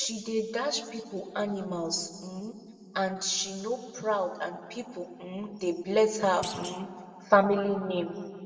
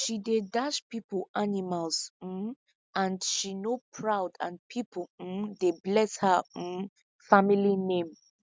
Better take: second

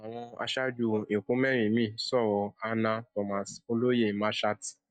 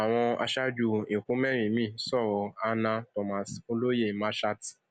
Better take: second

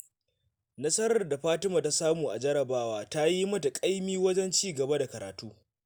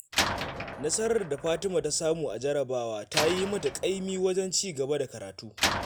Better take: first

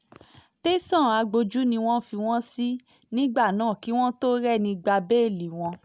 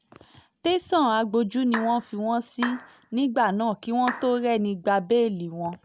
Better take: first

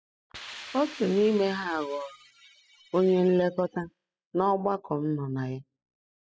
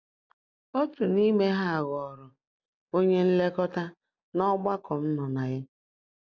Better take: second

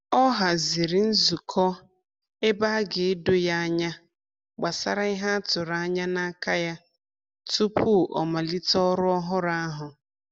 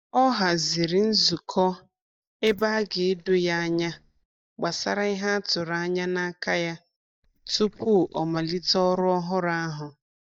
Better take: first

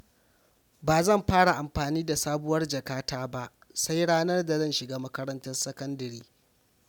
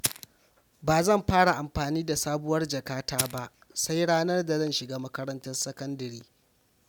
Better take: first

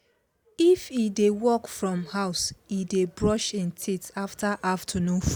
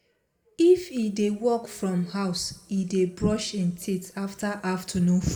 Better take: first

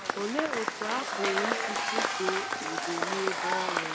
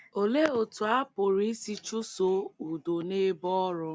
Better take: second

